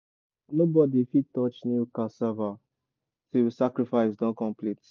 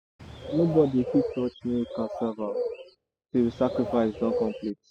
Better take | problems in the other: first | noise reduction (classical method spectral subtraction)

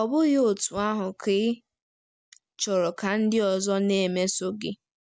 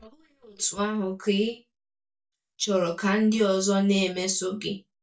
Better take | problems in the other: first | noise reduction (neural mask model DeepFilterNet 3)

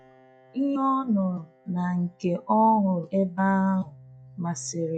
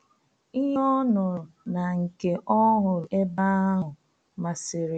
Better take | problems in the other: second | noise reduction (classical method log-MMSE)

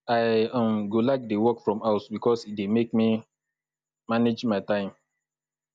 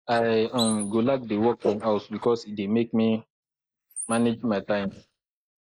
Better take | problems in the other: first | noise reduction (neural mask model Resemble Enhance denoiser)

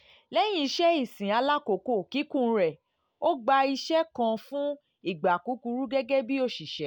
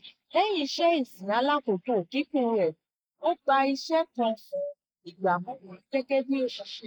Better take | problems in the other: first | noise reduction (neural mask model Resemble Enhance denoiser)

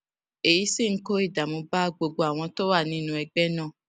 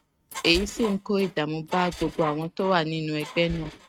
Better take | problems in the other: first | noise reduction (neural mask model RNNoise)

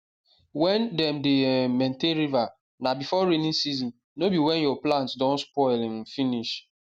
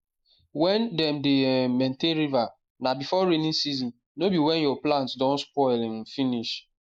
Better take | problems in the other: first | noise reduction (neural mask model Resemble Enhance denoiser)

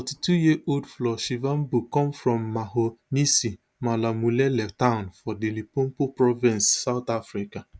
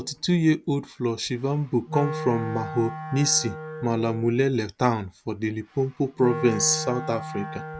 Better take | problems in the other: first | background sound (Wind instrument, woodwind instrument); 11 dB below the speech

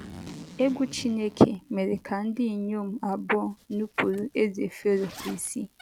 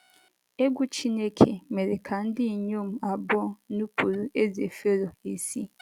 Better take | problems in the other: second | background sound (Zipper (clothing)); 19 dB below the speech

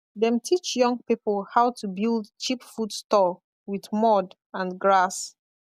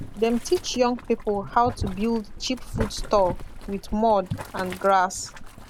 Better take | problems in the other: first | background sound (Boiling); 10 dB below the speech

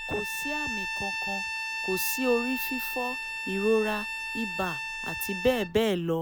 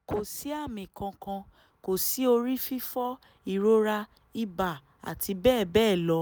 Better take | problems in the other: second | background sound (Bowed string instrument); 4 dB below the speech

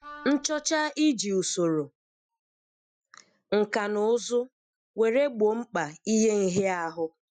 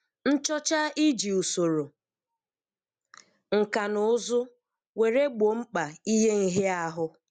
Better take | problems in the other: second | noise reduction (classical method Wiener filter)

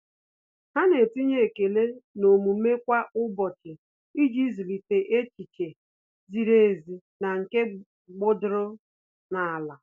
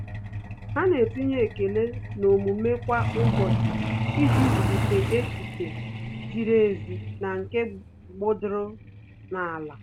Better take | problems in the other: first | background sound (Truck); 2 dB below the speech

